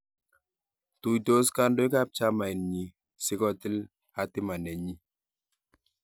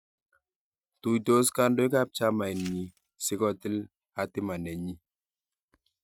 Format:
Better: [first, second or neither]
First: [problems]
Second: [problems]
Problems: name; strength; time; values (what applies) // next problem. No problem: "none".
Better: first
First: none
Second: noise reduction (neural mask model RNNoise)